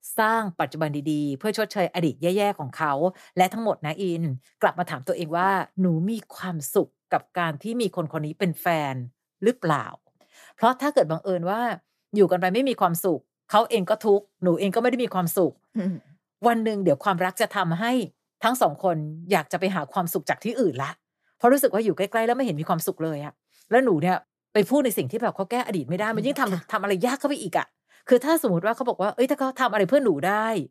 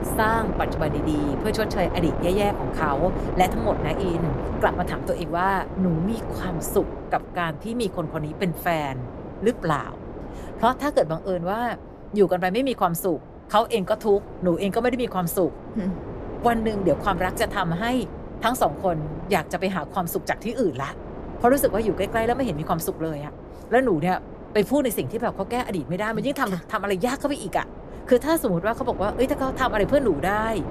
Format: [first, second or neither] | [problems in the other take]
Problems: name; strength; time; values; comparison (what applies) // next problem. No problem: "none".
first | wind noise on the microphone; occasional gusts; 10 dB below the speech